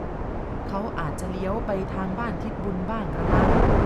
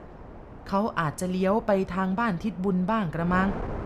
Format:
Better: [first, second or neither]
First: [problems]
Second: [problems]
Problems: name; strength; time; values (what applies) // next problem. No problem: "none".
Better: second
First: wind noise on the microphone; heavy; 2 dB above the speech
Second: wind noise on the microphone; occasional gusts; 15 dB below the speech